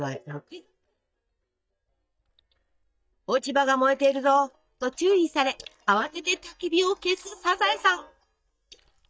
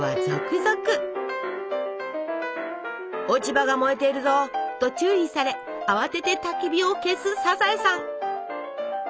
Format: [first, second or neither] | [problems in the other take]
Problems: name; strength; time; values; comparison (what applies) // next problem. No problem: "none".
second | noise reduction (neural mask model DeepFilterNet 3)